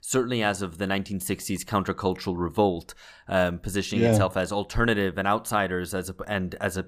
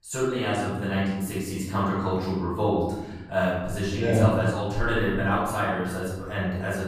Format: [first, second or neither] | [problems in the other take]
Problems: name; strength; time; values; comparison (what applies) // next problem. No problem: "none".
first | off-mic speech; far // room echo; noticeable; dies away in 1.3 s